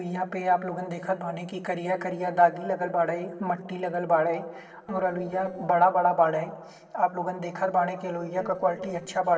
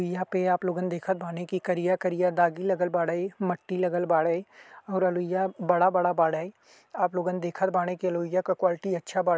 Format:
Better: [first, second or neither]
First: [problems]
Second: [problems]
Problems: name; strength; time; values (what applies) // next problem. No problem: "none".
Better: second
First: noise reduction (neural separator model SepFormer DNS4)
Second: none